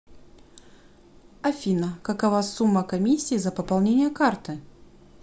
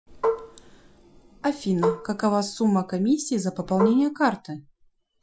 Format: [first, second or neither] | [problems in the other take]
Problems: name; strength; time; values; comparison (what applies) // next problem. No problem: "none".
first | noise reduction (classical method Wiener filter)